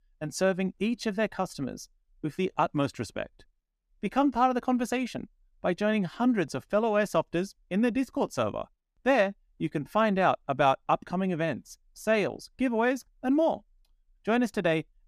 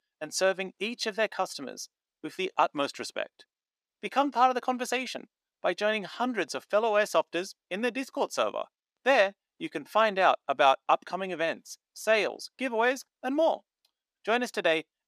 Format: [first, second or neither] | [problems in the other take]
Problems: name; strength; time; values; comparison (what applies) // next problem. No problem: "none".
first | thin; somewhat; fading below 450 Hz